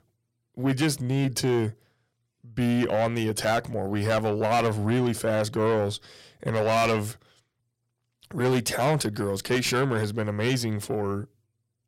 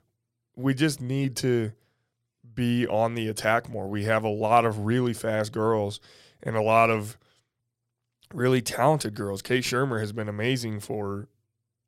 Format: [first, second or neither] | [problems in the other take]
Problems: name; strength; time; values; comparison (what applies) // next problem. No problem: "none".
second | distortion; heavy; 7 dB below the speech